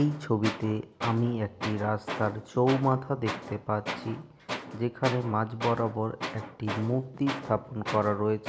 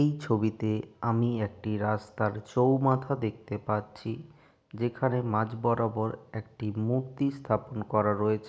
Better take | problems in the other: second | background sound (Tools); 9 dB below the speech

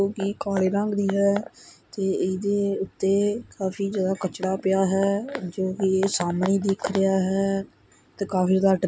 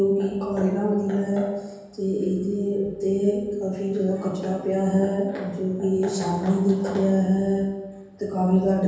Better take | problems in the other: first | room echo; dies away in 1.2 s

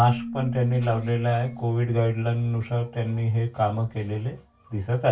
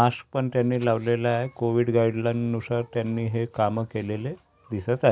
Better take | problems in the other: second | background sound (Keyboard (musical)); 15 dB below the speech // room echo; dies away in 0.2 s

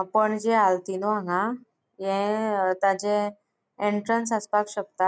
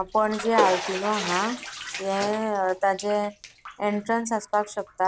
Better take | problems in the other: first | background sound (Bathtub (filling or washing)); 8 dB below the speech

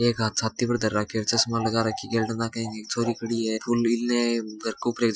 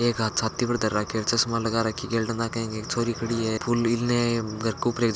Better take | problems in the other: second | noise reduction (classical method Wiener filter)

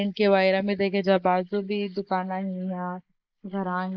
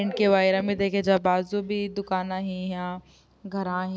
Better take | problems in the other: second | noise reduction (neural mask model Resemble Enhance denoiser)

